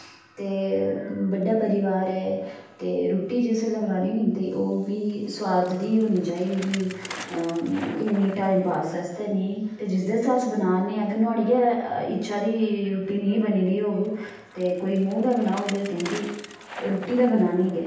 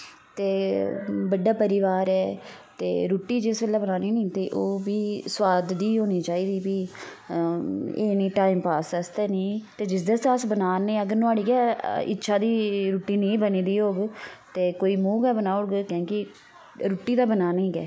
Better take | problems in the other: second | background sound (Bicycle); 20 dB below the speech // room echo; dies away in 0.9 s

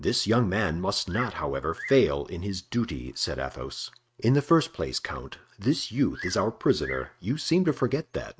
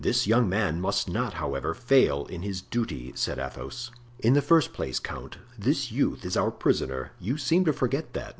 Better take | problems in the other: second | noise reduction (neural mask model RNNoise)

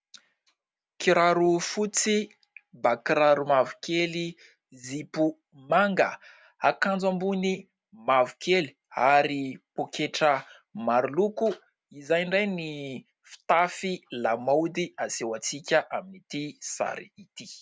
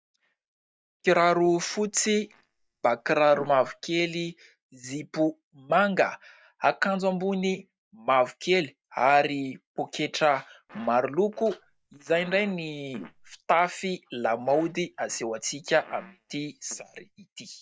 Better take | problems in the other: first | noise reduction (neural mask model DeepFilterNet 3)

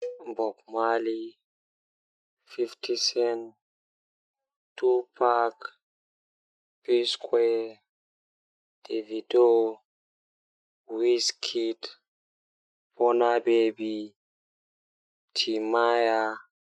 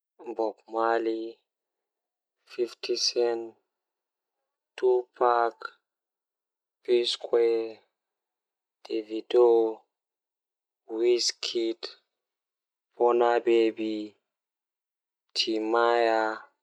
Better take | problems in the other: second | noise reduction (classical method Wiener filter)

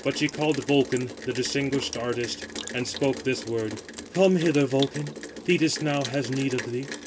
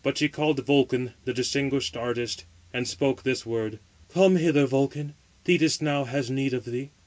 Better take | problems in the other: second | background sound (Rain); 12 dB below the speech

